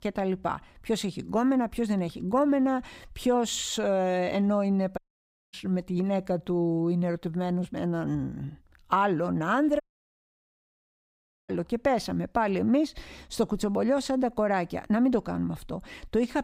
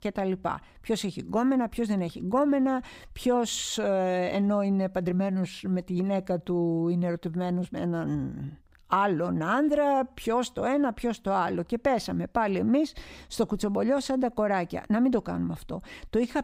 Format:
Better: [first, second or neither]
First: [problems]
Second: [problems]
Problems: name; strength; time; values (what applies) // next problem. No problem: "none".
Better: second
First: audio cutting out; at 5 s for 0.5 s and at 10 s for 1.5 s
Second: none